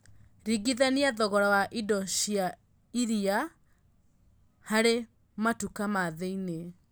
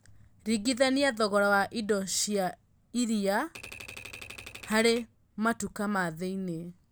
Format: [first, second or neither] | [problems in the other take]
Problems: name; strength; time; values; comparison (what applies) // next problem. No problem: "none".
first | background sound (Typewriter); 15 dB below the speech